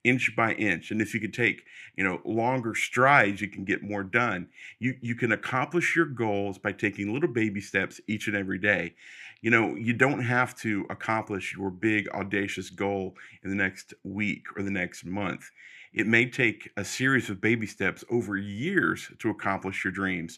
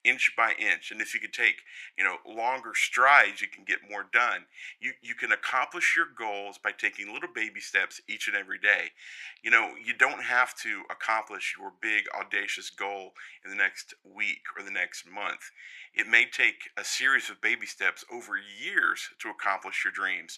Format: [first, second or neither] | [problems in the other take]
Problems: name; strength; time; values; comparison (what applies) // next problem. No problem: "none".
first | thin; very; fading below 950 Hz